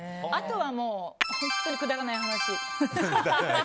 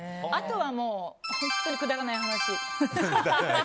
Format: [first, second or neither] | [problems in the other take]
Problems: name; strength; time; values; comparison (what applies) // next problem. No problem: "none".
second | background sound (Tap / Hammer); 11 dB below the speech